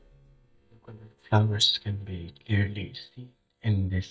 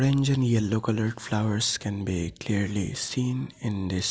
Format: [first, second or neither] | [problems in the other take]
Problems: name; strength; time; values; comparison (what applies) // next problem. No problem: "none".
second | noise reduction (neural mask model DeepFilterNet 3)